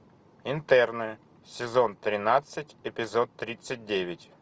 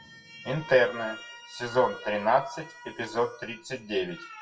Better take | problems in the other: first | noise reduction (classical method WPE with log-MMSE)

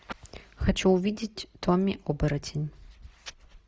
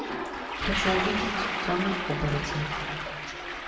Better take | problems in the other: first | background sound (Toilet flush); as loud as the speech // room echo; dies away in 1.9 s

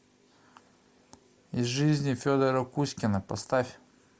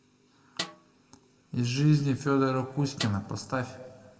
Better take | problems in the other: first | background sound (Snare drum); 11 dB below the speech // room echo; dies away in 1.4 s

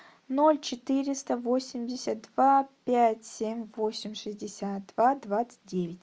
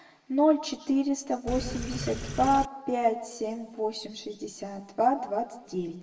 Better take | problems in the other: first | background sound (Sink (filling or washing)); 6 dB below the speech // room echo; dies away in 0.9 s

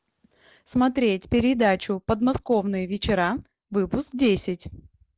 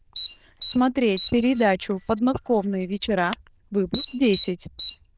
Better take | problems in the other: first | noise reduction (neural diffusion model UNIVERSE++)

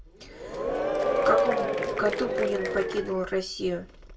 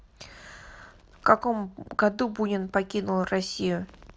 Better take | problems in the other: second | background sound (Applause / Crowd / Cheering); 3 dB above the speech // room echo; dies away in 0.2 s

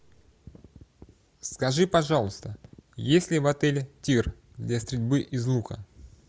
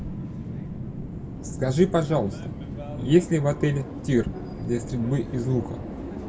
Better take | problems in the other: first | background sound (Subway, metro, underground); 8 dB below the speech // room echo; dies away in 0.2 s

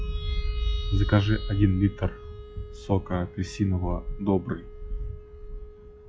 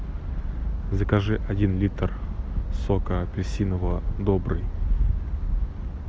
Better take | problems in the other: second | noise reduction (classical method log-MMSE)

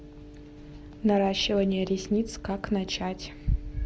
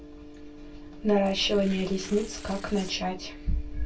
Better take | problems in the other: first | background sound (Tearing); 19 dB below the speech // room echo; dies away in 0.2 s

